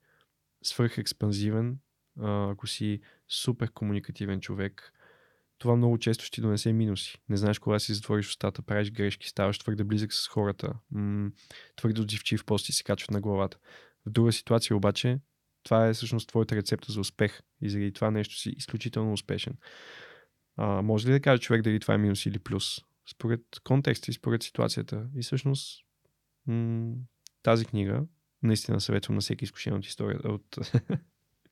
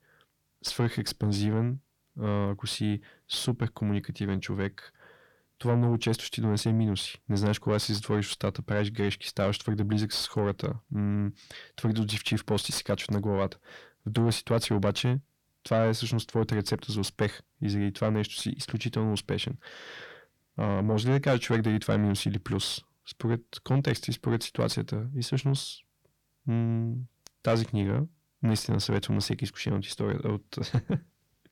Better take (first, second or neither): first